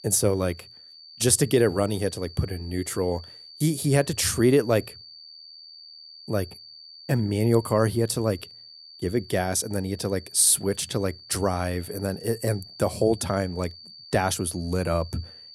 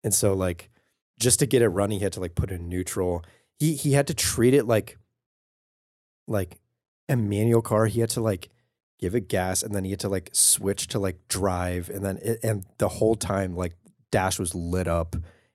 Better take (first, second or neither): second